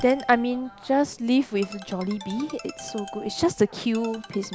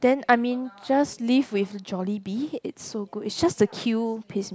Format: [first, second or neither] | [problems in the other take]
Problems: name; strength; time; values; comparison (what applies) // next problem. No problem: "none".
second | background sound (Ringtone); 17 dB below the speech